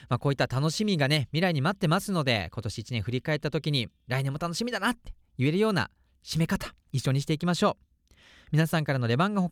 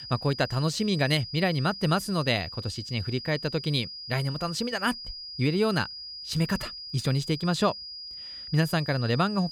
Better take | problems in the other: first | high-pitched whine; loud; throughout; 5 kHz, 10 dB below the speech

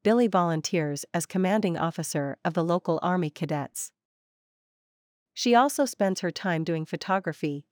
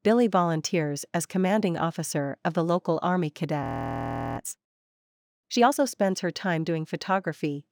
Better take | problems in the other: first | audio freezing; at 3.5 s for 0.5 s

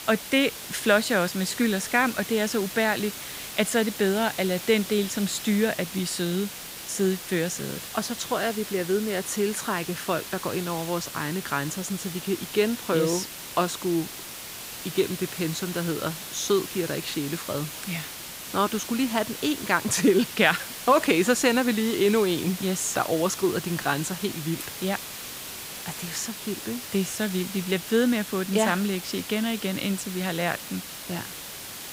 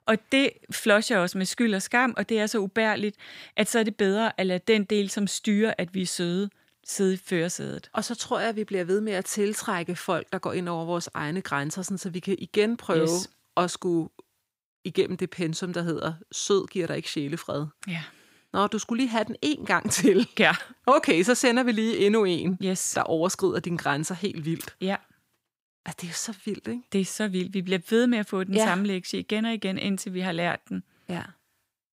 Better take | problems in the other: second | hiss; loud; throughout; 9 dB below the speech

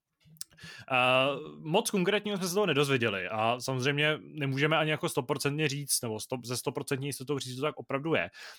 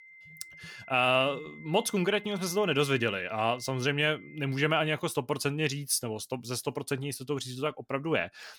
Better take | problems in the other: first | high-pitched whine; noticeable; until 5 s; 2 kHz, 20 dB below the speech

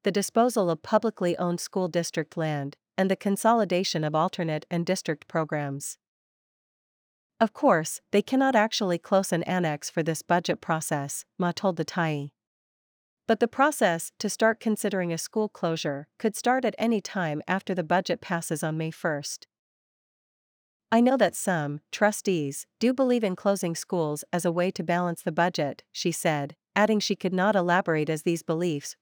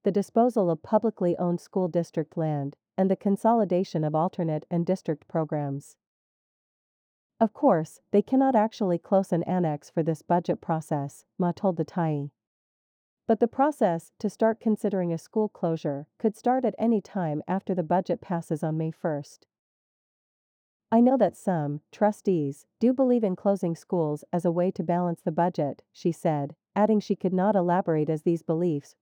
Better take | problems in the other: first | muffled; very; fading above 1 kHz

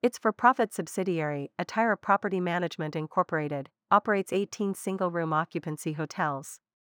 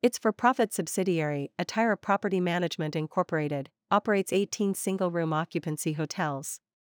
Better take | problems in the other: second | muffled; slightly; fading above 2.5 kHz

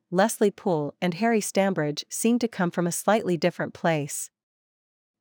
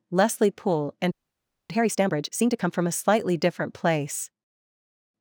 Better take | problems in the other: first | audio freezing; at 1 s for 0.5 s

